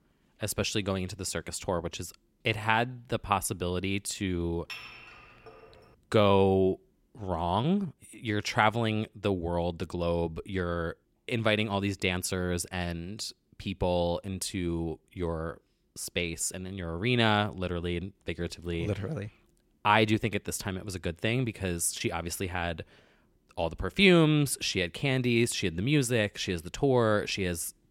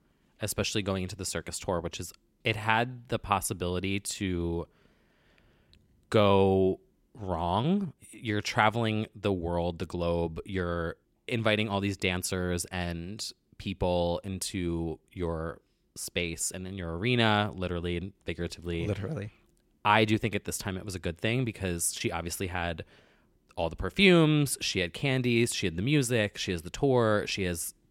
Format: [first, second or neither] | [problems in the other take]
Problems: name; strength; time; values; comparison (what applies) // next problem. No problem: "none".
second | clattering dishes; faint; from 4.5 to 6 s; peak 10 dB below the speech